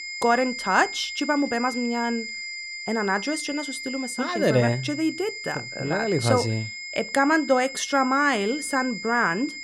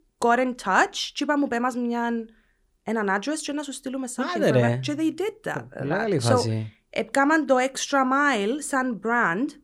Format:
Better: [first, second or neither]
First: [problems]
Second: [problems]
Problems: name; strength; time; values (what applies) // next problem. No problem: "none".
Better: second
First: high-pitched whine; loud; throughout; 2 kHz, 9 dB below the speech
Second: none